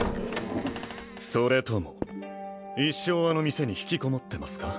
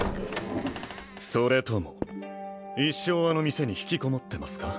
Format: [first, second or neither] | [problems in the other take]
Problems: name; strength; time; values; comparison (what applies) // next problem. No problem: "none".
second | background sound (Bass guitar); 17 dB below the speech